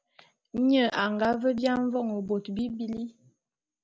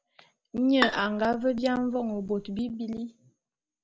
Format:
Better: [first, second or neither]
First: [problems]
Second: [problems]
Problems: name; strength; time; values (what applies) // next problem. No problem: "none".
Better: first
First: none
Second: background sound (Bowed string instrument); 7 dB below the speech